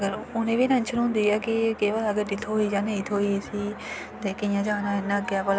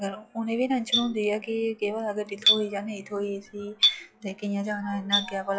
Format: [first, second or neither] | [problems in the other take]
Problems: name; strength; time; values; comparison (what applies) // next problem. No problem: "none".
first | noise reduction (classical method log-MMSE)